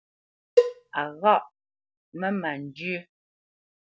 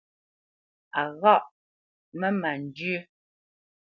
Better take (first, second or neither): second